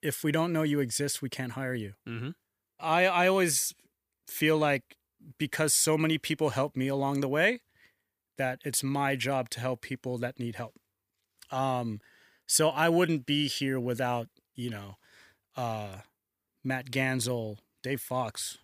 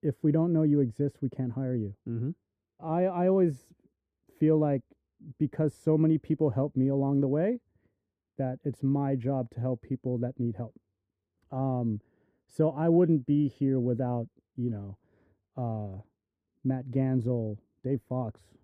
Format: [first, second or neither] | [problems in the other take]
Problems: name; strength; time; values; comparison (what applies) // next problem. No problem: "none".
first | muffled; very; fading above 1 kHz